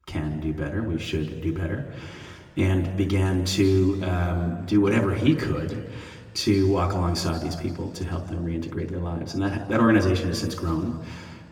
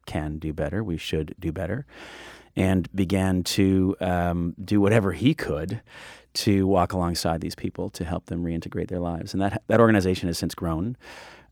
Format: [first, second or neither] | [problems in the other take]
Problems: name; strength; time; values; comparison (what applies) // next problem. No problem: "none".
second | room echo; slight; dies away in 1.6 s // off-mic speech; somewhat distant